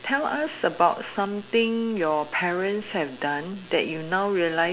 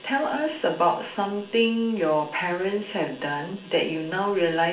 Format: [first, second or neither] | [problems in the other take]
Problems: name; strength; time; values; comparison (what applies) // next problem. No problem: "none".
first | room echo; dies away in 0.4 s